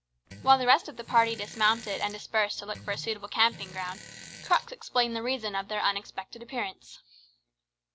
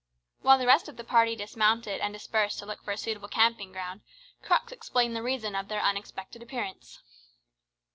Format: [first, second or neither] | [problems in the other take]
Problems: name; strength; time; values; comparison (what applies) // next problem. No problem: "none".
second | background sound (Fart); 17 dB below the speech